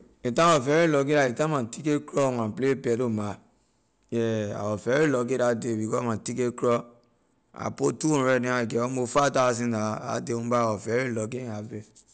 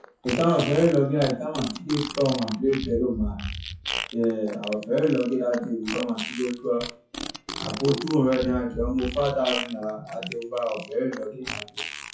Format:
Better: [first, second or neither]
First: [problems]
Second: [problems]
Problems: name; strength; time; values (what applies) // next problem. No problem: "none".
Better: first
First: none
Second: noise reduction (classical method WPE with log-MMSE)